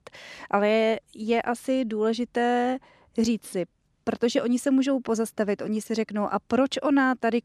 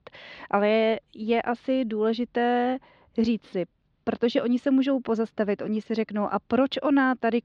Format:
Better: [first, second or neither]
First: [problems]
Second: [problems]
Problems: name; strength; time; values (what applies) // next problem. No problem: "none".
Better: first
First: none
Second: muffled; very slightly; fading above 4 kHz